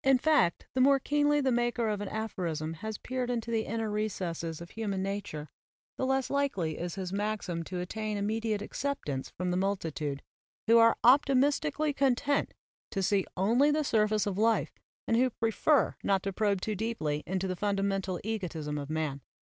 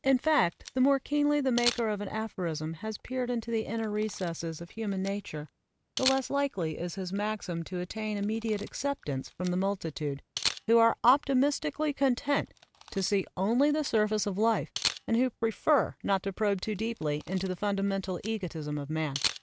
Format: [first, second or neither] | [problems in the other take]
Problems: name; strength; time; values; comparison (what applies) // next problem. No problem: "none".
first | background sound (Camera); 13 dB below the speech